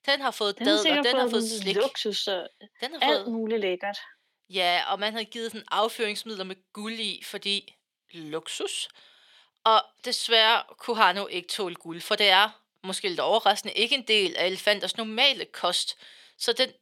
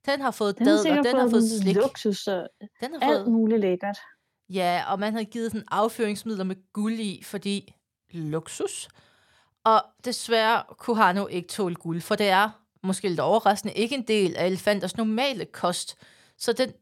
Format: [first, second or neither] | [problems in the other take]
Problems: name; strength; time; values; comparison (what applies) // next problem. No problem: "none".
second | thin; somewhat; fading below 350 Hz